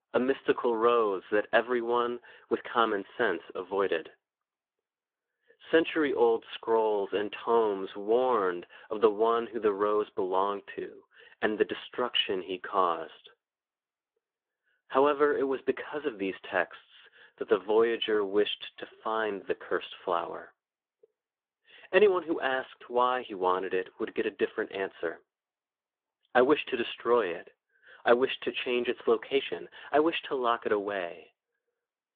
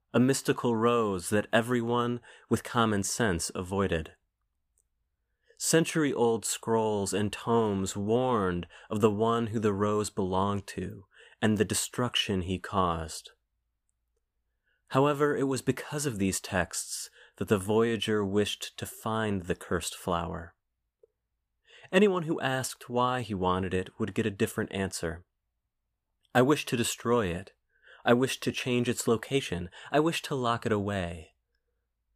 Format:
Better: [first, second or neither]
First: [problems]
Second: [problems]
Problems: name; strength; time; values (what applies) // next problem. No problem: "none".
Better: second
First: phone-call audio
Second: none